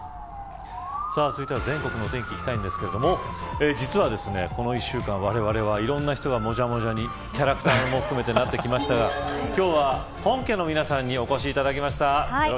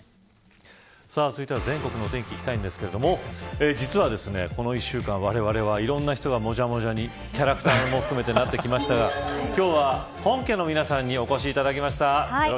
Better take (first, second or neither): second